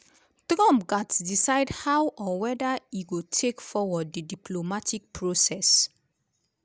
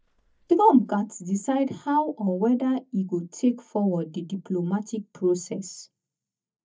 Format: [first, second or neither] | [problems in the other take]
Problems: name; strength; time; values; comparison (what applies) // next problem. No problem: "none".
first | noise reduction (neural mask model DeepFilterNet 3)